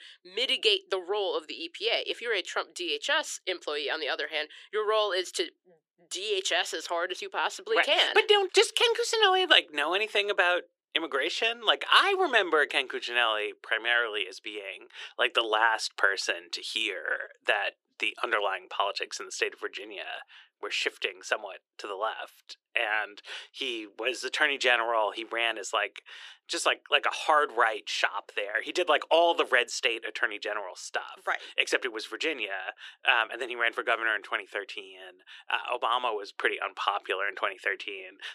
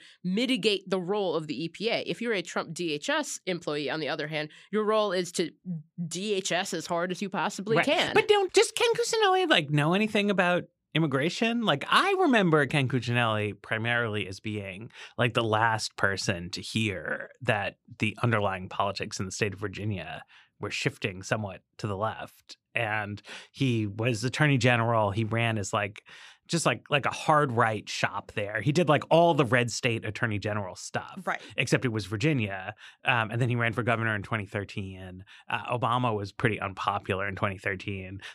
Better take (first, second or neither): second